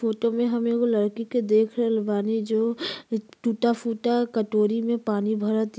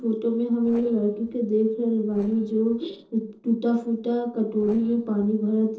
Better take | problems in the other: first | noise reduction (neural separator model SepFormer DNS4)

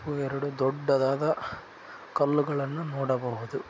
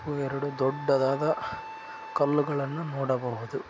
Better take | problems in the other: first | background sound (Wind instrument, woodwind instrument); 14 dB below the speech

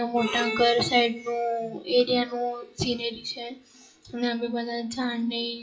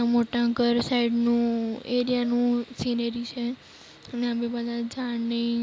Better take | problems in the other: second | noise reduction (classical method WPE with log-MMSE)

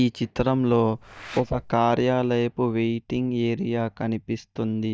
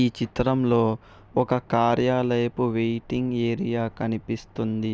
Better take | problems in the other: second | noise reduction (neural mask model DeepFilterNet 3)

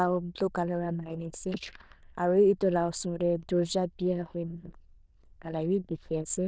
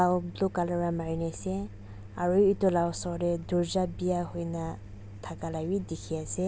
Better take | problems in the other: second | noise reduction (neural diffusion model UNIVERSE++)

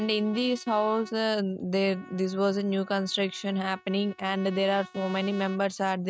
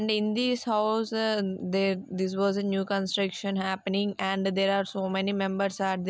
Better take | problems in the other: second | noise reduction (neural mask model RNNoise)

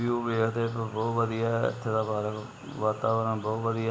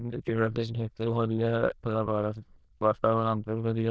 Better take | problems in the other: first | noise reduction (neural diffusion model UNIVERSE++)

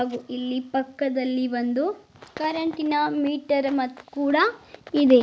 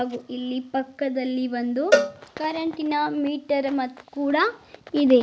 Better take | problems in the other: first | background sound (Cowbell); 4 dB below the speech

